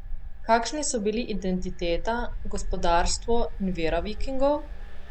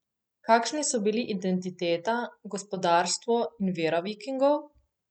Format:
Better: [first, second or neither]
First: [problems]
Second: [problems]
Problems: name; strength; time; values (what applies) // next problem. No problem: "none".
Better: second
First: background sound (Engine); as loud as the speech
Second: none